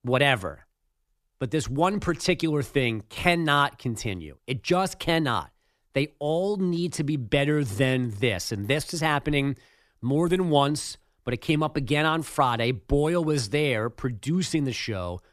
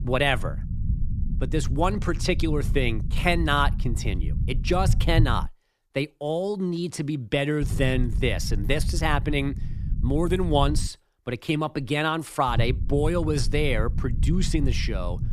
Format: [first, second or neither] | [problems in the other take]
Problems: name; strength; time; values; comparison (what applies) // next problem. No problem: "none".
first | low rumble; noticeable; until 5.5 s, from 7.5 to 11 s and from 12 s on; 15 dB below the speech